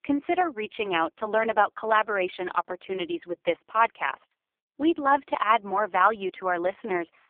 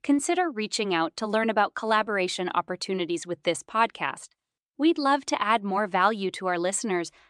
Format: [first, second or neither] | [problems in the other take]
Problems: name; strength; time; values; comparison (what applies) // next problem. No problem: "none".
second | phone-call audio; poor line